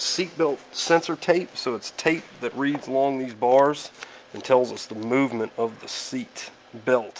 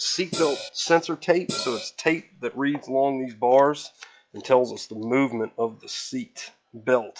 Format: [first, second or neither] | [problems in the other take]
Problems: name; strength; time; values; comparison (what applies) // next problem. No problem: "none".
first | noise reduction (classical method log-MMSE)